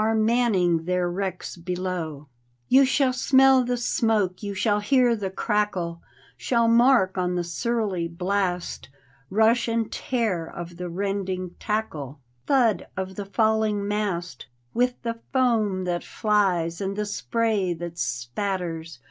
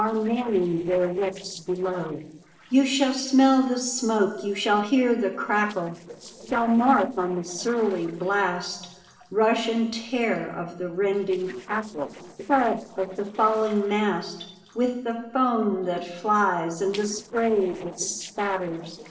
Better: first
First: none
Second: noise reduction (neural separator model SepFormer DNS4)

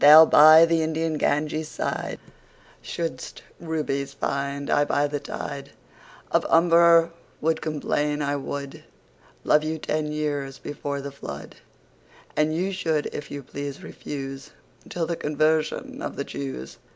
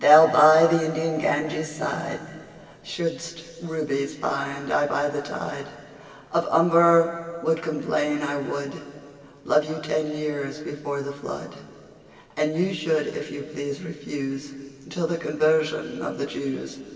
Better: first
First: none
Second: room echo; dies away in 2.4 s

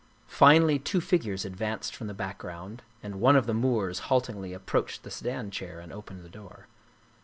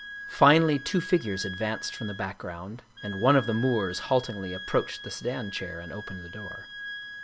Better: first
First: none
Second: background sound (Wind instrument, woodwind instrument); 13 dB below the speech

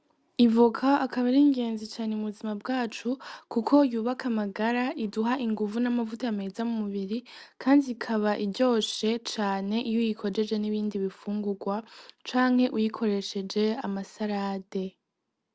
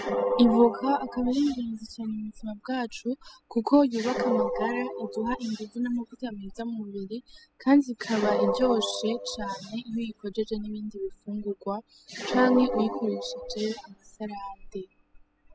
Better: first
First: none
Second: noise reduction (classical method spectral subtraction)

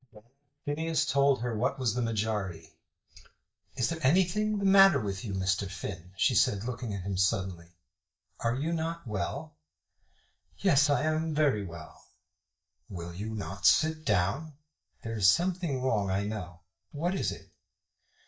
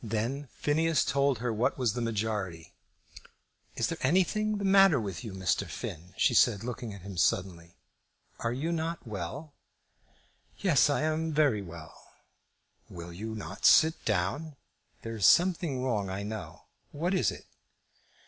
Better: second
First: noise reduction (neural mask model DeepFilterNet 3)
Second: none

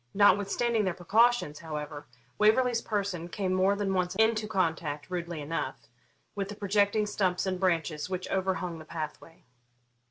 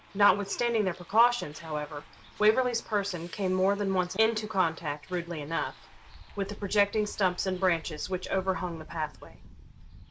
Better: first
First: none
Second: background sound (Bus); 19 dB below the speech

